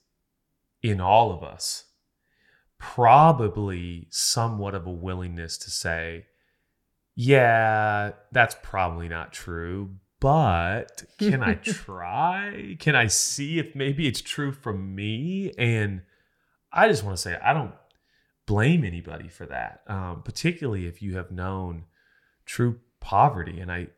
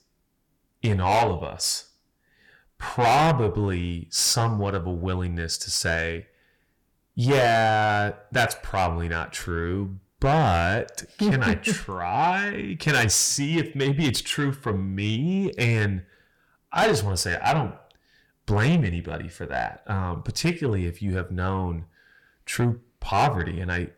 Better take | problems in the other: first | distortion; heavy; 6 dB below the speech

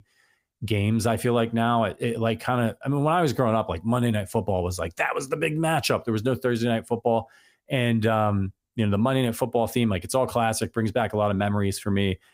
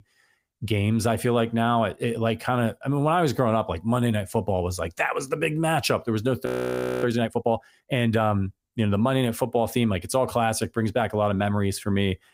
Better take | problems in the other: first | audio freezing; at 6.5 s for 0.5 s

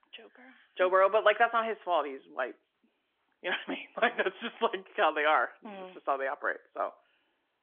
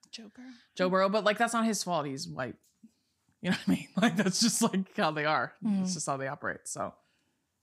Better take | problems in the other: second | phone-call audio; nothing above 3.5 kHz

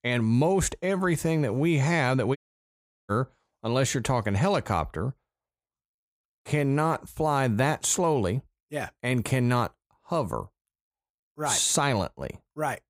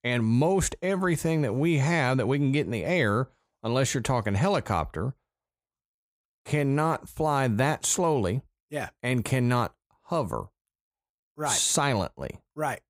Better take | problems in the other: second | audio cutting out; at 2.5 s for 0.5 s

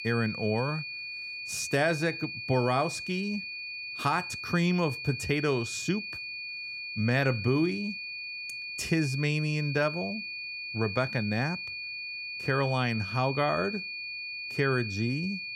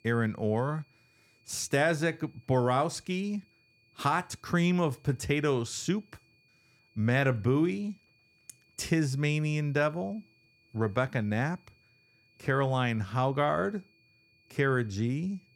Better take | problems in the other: second | high-pitched whine; loud; throughout; 2.5 kHz, 6 dB below the speech; faint in the second

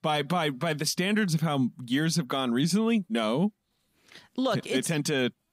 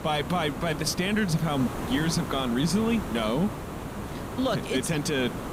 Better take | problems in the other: first | hiss; loud; throughout; 8 dB below the speech

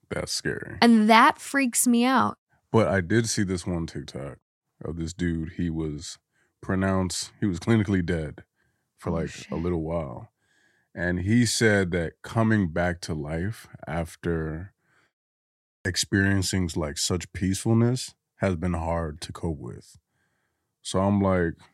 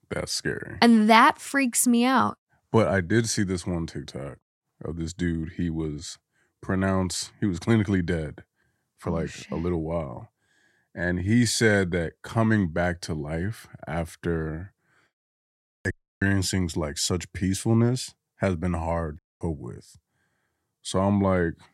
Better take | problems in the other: first | audio cutting out; at 16 s and at 19 s

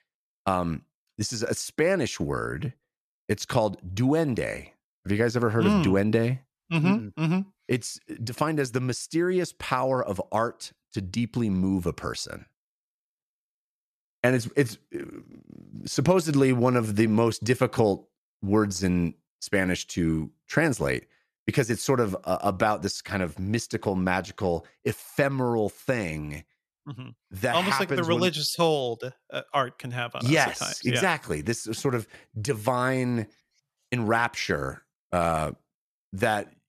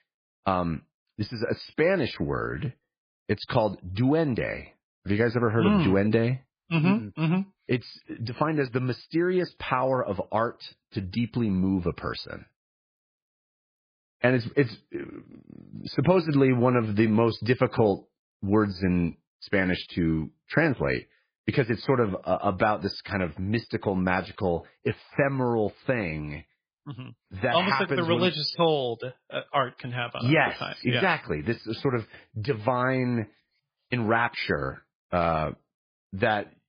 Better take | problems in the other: first | garbled, watery; badly; nothing above 5 kHz

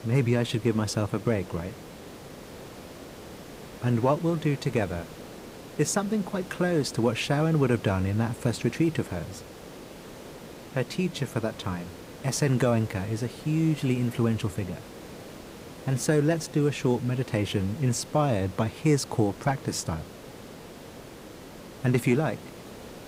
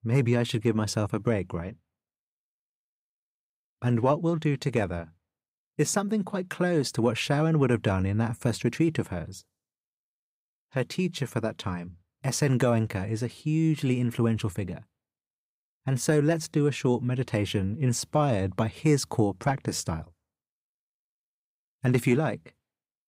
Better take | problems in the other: second | hiss; noticeable; throughout; 15 dB below the speech

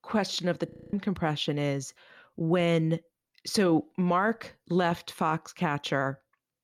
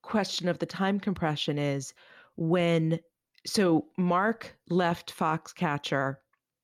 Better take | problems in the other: second | audio freezing; at 0.5 s

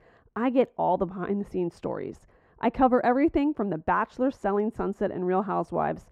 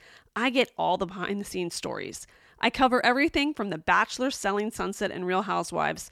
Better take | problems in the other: second | muffled; very; fading above 2 kHz

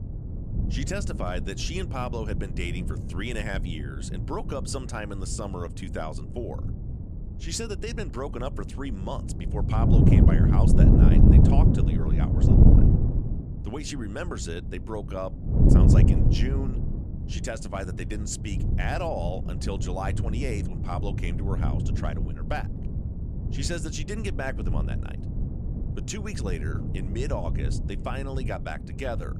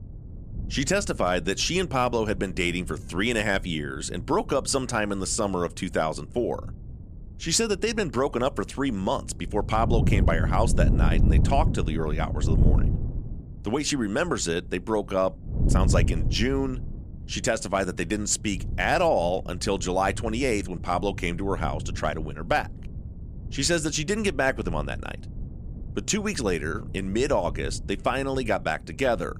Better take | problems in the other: second | wind noise on the microphone; heavy; 1 dB below the speech; occasional gusts in the second

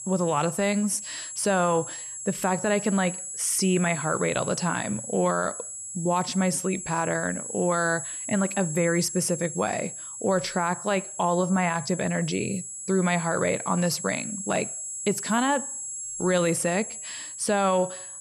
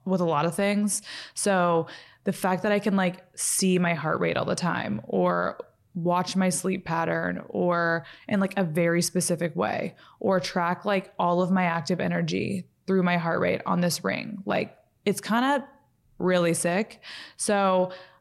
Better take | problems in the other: second | high-pitched whine; loud; throughout; 7.5 kHz, 7 dB below the speech

